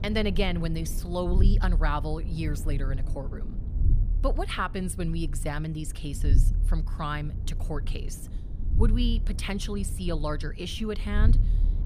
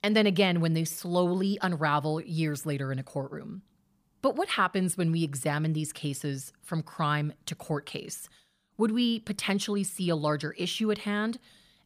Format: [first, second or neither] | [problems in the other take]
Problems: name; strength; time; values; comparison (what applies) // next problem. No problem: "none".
second | low rumble; noticeable; throughout; 15 dB below the speech